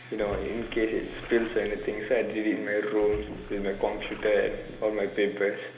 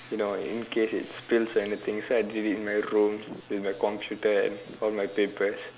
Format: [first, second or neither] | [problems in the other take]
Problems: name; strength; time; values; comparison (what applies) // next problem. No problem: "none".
second | background sound (Splash, splatter); 16 dB below the speech // room echo; dies away in 1.1 s